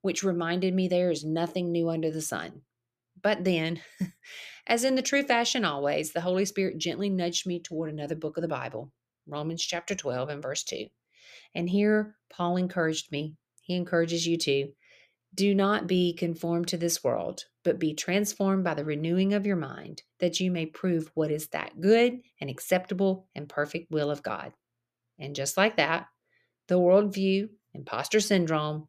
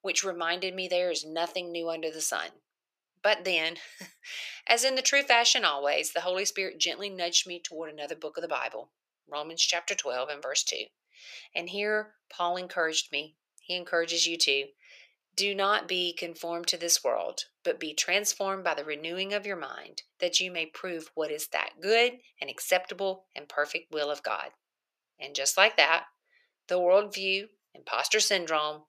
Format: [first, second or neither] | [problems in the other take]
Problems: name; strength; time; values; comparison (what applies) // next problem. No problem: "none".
first | thin; very; fading below 700 Hz